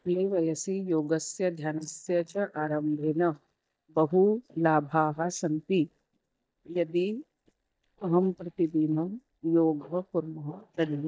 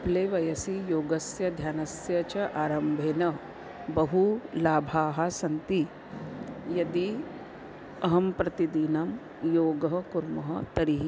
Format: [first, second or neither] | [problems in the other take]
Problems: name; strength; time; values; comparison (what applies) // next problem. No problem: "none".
second | noise reduction (neural mask model DeepFilterNet 3)